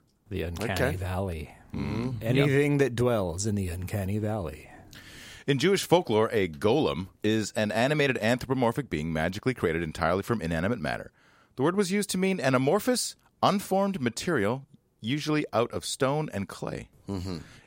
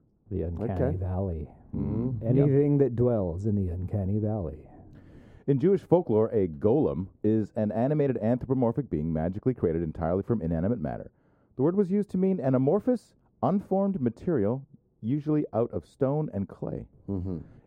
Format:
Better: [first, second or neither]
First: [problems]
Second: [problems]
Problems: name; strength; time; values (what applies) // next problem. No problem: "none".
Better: first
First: none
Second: muffled; very; fading above 1.5 kHz